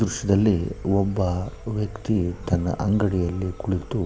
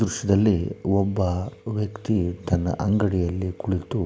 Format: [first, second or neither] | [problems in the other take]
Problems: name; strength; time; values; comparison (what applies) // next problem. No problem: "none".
second | background sound (Insect); 17 dB below the speech